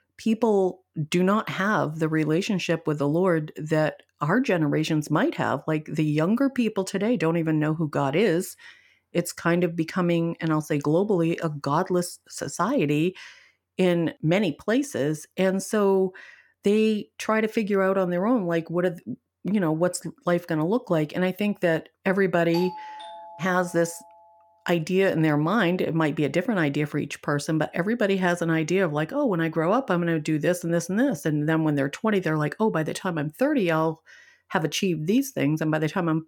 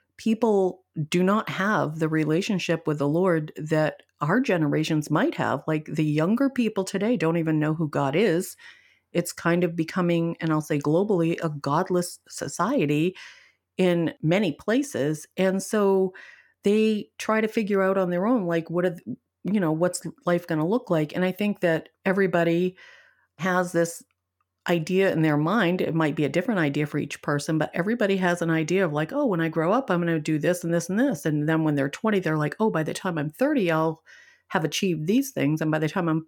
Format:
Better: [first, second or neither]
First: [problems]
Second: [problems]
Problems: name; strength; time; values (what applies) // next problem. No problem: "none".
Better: second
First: doorbell; faint; from 23 to 24 s; peak 10 dB below the speech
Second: none